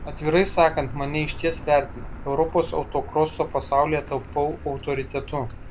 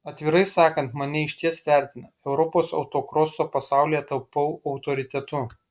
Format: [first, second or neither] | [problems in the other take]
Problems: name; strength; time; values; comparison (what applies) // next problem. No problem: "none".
second | background sound (Car); 11 dB below the speech